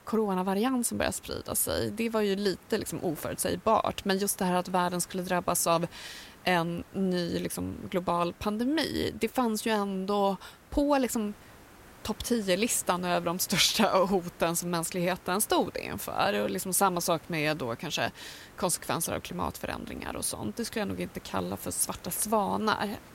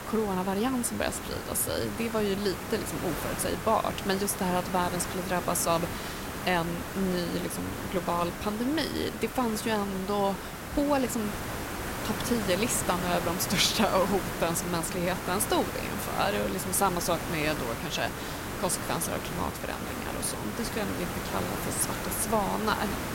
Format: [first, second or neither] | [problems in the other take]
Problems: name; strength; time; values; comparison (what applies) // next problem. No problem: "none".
first | hiss; loud; throughout; 5 dB below the speech; faint in the first